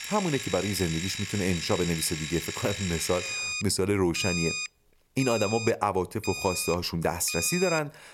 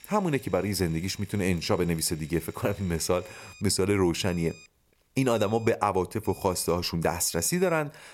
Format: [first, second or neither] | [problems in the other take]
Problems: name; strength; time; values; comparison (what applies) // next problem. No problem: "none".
second | alarms or sirens; loud; throughout; 5 dB below the speech; faint in the second